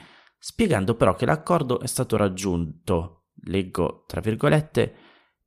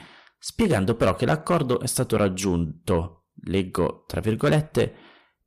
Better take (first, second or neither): first